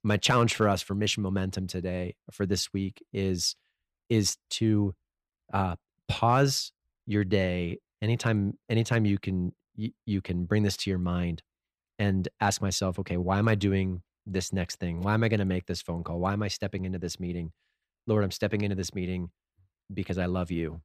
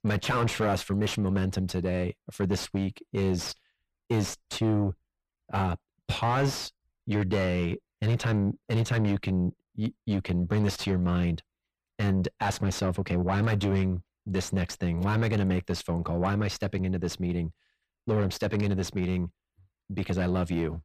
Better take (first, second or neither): first